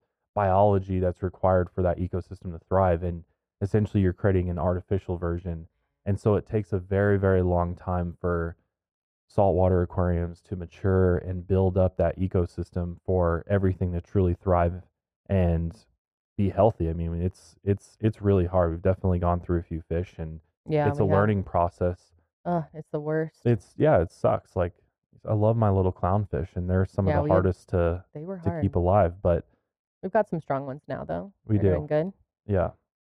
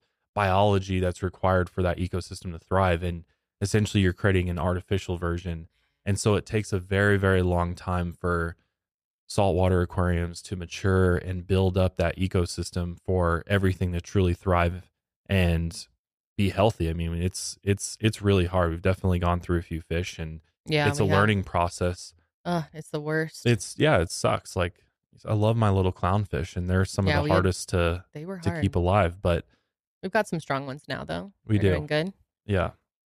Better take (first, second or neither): second